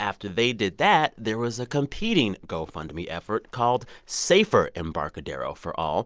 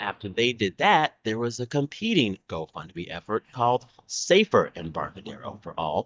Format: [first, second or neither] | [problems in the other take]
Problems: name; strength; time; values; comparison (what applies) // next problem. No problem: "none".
first | noise reduction (neural mask model DeepFilterNet 3)